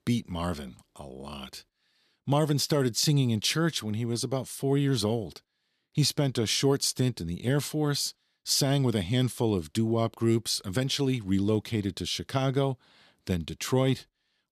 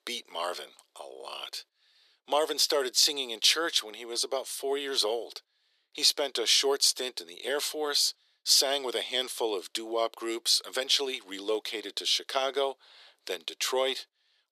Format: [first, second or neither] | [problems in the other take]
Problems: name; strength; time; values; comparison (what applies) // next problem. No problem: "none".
first | thin; very; fading below 400 Hz